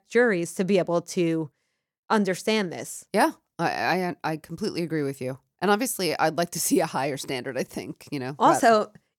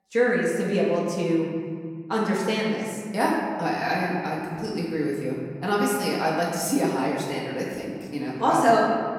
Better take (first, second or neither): first